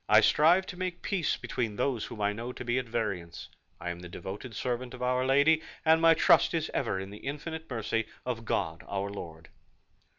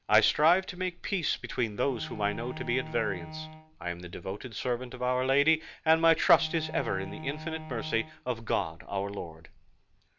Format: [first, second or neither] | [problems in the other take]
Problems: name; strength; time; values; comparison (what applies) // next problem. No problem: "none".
first | background sound (Bowed string instrument); 16 dB below the speech